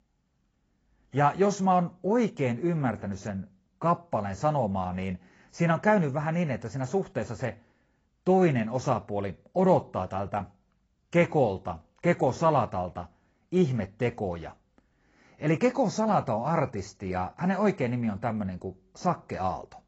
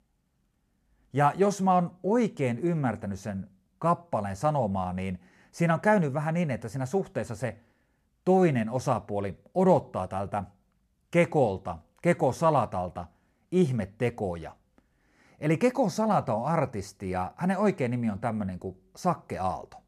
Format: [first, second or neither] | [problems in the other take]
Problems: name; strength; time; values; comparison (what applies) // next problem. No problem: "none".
second | garbled, watery; badly; nothing above 7.5 kHz